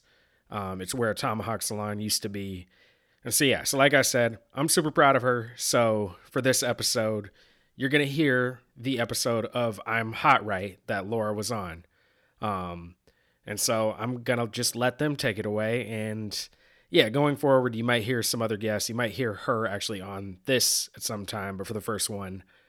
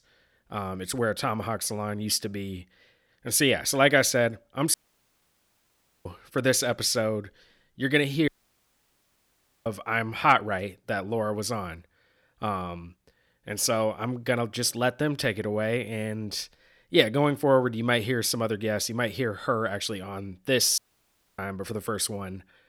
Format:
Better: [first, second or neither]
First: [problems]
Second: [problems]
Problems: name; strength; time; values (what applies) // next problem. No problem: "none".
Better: first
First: none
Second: audio cutting out; at 4.5 s for 1.5 s, at 8.5 s for 1.5 s and at 21 s for 0.5 s